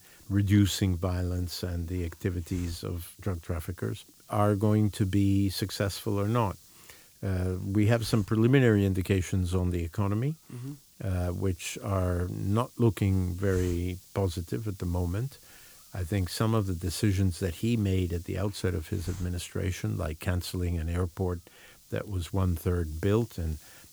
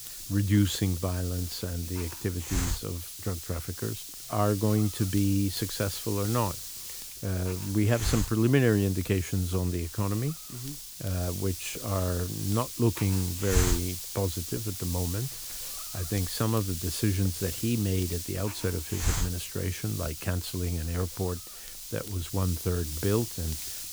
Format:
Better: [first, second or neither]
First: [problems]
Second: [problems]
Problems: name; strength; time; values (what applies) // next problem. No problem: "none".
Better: first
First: hiss; faint; throughout; 20 dB below the speech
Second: hiss; loud; throughout; 6 dB below the speech